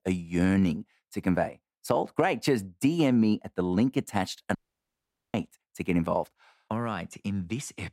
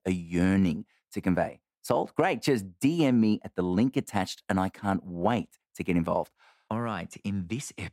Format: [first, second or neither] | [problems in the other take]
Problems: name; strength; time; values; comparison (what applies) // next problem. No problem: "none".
second | audio cutting out; at 4.5 s for 1 s